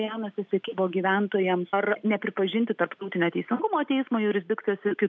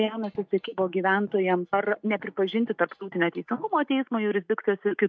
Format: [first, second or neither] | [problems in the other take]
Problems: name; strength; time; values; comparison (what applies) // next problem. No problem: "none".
first | noise reduction (neural mask model DeepFilterNet 3)